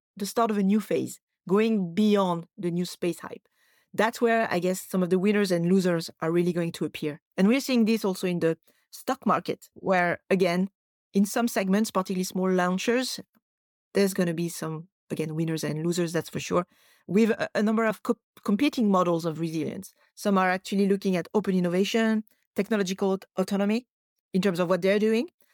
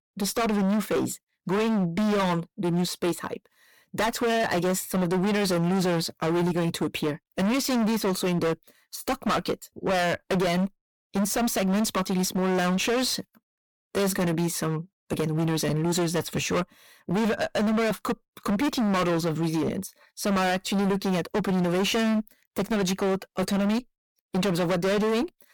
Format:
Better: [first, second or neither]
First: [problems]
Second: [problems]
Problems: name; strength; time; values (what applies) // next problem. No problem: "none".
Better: first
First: none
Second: distortion; heavy; 29% of the sound clipped